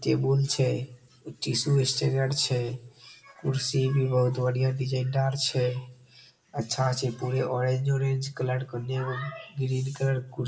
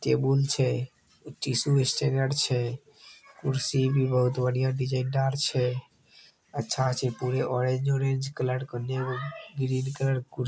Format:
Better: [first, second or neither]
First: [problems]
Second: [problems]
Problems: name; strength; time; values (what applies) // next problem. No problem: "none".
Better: second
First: room echo; dies away in 0.6 s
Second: none